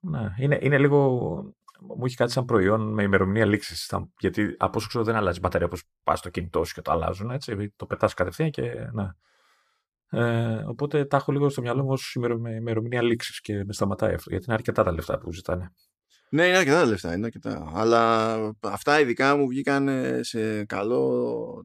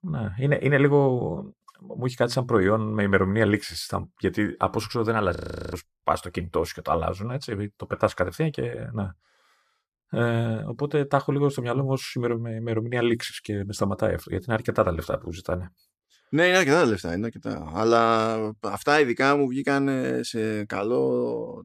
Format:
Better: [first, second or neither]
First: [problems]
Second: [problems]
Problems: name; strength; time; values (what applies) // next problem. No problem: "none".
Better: first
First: none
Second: audio freezing; at 5.5 s